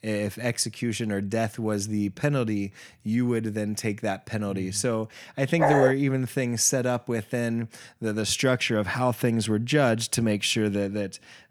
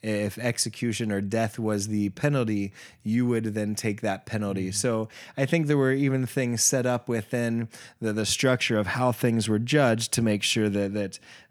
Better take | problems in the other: second | dog barking; loud; at 5.5 s; peak 4 dB above the speech

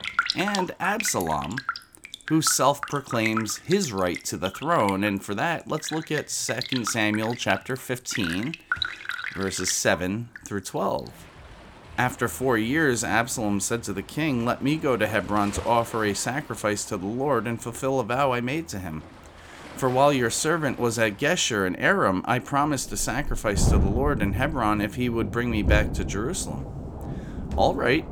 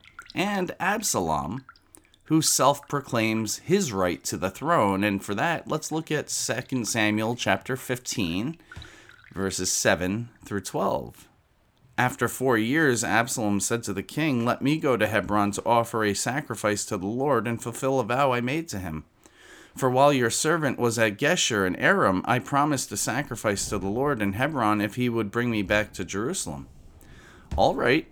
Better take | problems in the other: second | rain or running water; loud; throughout; 7 dB below the speech; faint in the second

